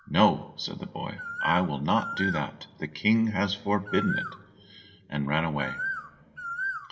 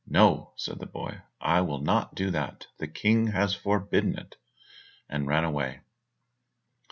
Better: second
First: background sound (Bird); 9 dB below the speech // room echo; dies away in 2.8 s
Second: none

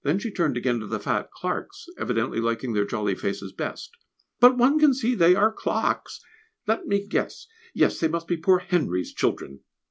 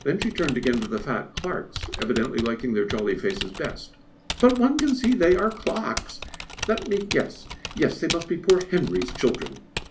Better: first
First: none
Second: background sound (Typing); 11 dB below the speech // room echo; dies away in 0.3 s

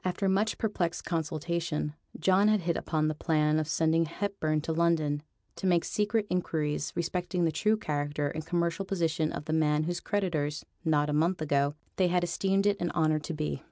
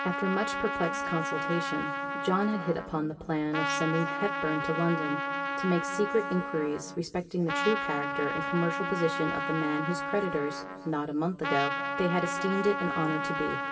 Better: first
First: none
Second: background sound (Trumpet); 2 dB below the speech // room echo; dies away in 2.3 s

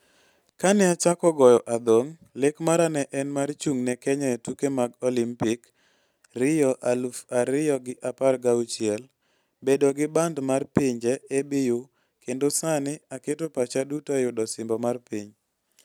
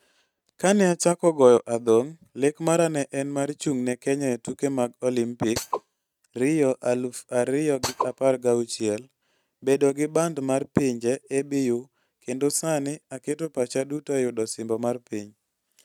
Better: first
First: none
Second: noise reduction (neural mask model RNNoise)

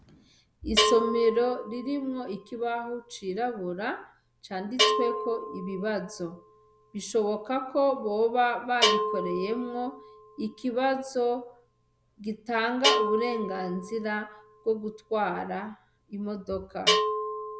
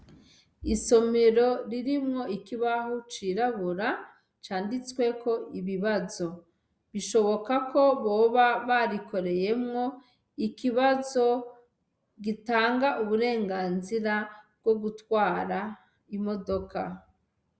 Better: second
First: background sound (Bell); 3 dB below the speech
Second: none

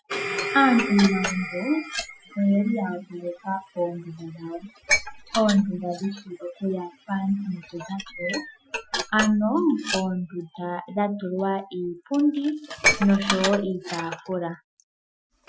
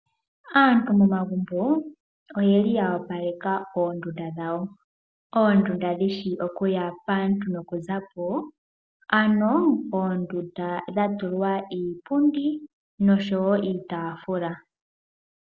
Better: second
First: noise reduction (classical method Wiener filter)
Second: none

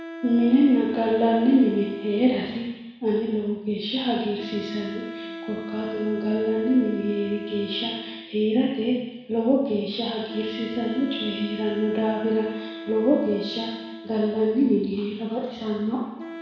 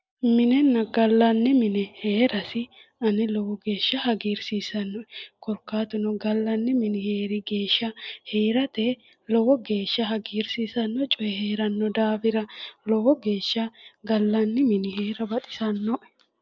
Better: second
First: background sound (Wind instrument, woodwind instrument); 14 dB below the speech // room echo; dies away in 1.1 s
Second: none

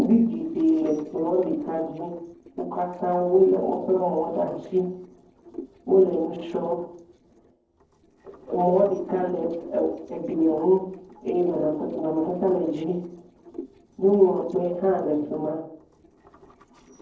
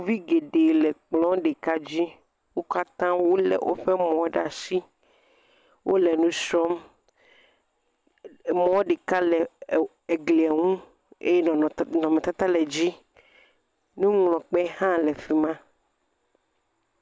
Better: second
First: noise reduction (neural separator model SepFormer DNS4)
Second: none

